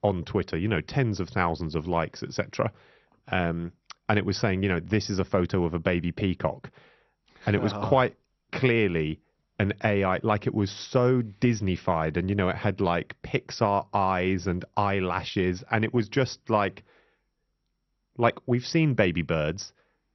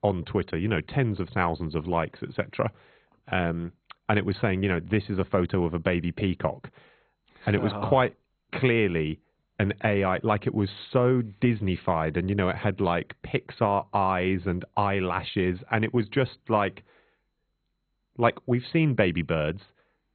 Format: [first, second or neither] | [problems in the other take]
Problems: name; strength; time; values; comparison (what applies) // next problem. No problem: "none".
first | garbled, watery; badly; nothing above 4 kHz; slightly in the first